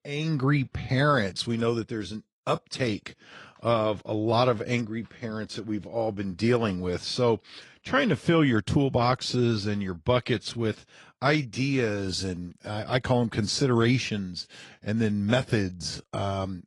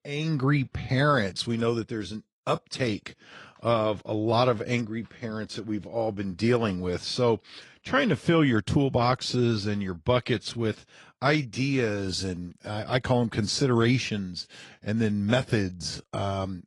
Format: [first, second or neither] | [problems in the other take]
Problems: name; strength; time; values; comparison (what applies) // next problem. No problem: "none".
neither | garbled, watery; slightly; nothing above 10.5 kHz; the same in both